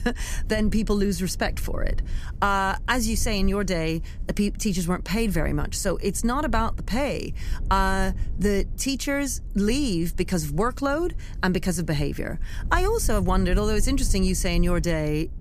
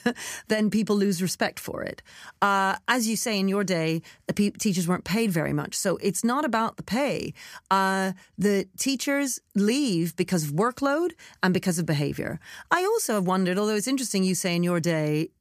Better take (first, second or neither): second